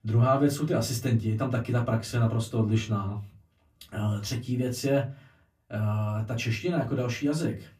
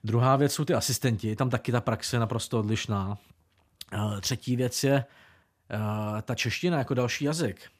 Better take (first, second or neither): second